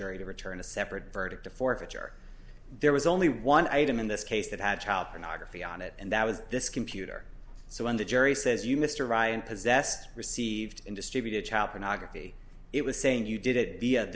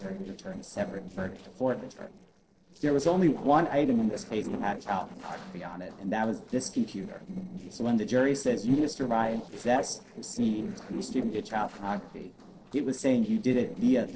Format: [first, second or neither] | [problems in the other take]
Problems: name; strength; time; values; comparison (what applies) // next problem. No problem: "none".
first | noise reduction (neural separator model SepFormer DNS4)